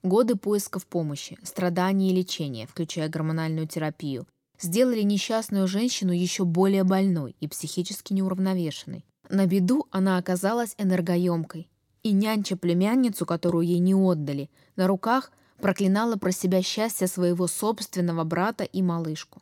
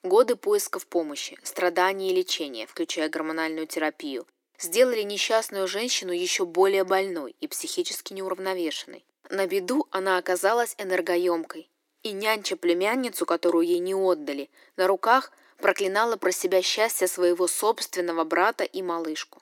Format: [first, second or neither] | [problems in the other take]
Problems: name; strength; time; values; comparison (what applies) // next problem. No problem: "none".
first | thin; very; fading below 300 Hz